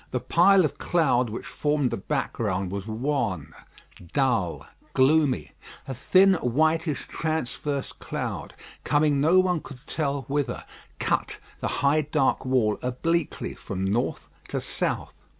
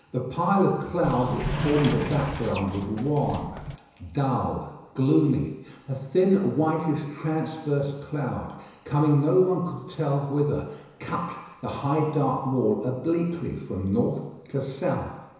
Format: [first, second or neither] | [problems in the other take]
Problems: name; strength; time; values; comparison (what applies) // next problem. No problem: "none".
first | background sound (Sliding door); 6 dB below the speech // room echo; dies away in 1 s